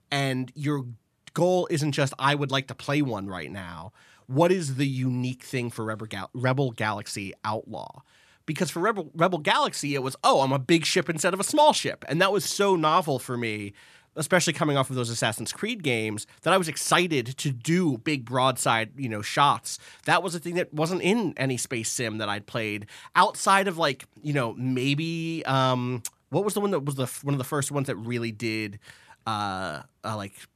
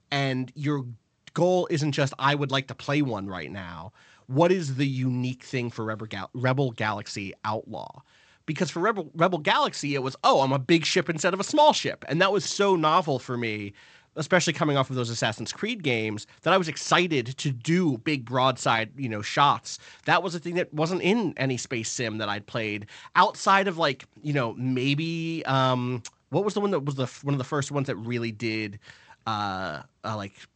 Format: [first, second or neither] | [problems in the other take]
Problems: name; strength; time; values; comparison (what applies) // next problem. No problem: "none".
first | garbled, watery; slightly; nothing above 8 kHz